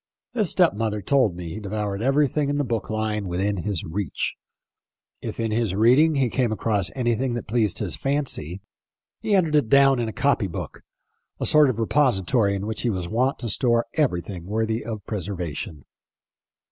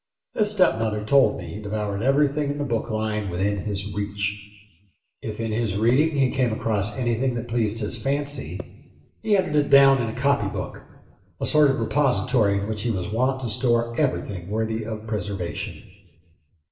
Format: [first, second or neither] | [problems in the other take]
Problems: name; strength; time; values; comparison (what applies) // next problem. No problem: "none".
first | background sound (Percussion); 16 dB below the speech // room echo; dies away in 1 s